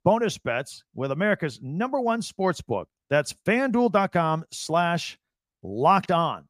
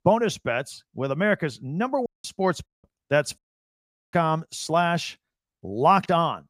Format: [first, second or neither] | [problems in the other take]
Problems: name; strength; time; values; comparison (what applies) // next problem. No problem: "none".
first | audio cutting out; at 2 s, at 2.5 s and at 3.5 s for 1 s